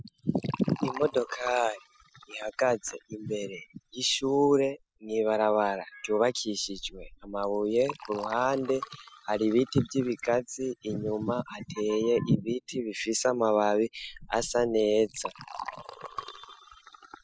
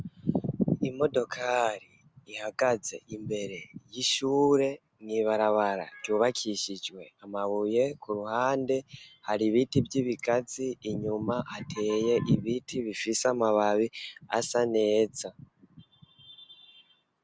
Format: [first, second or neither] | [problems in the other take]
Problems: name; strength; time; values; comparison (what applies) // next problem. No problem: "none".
second | noise reduction (classical method spectral subtraction)